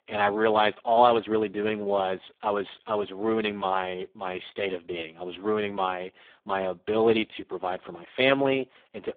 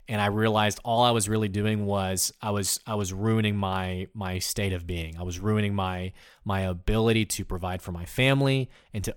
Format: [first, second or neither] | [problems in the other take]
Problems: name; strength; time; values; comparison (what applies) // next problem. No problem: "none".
second | phone-call audio; poor line; nothing above 3.5 kHz